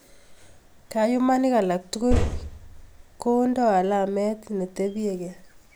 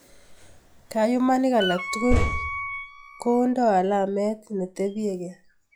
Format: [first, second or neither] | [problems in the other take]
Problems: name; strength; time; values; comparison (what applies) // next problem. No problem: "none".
first | noise reduction (classical method log-MMSE)